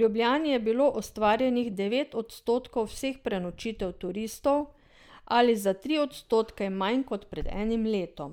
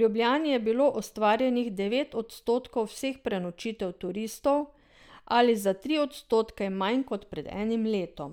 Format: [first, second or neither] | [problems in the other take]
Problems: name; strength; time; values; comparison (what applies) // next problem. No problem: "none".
second | noise reduction (neural mask model DeepFilterNet 3)